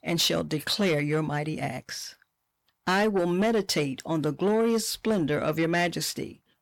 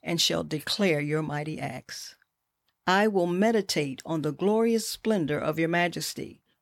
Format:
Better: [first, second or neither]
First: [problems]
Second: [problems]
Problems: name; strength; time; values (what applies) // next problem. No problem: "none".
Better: second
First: distortion; slight; 10 dB below the speech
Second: none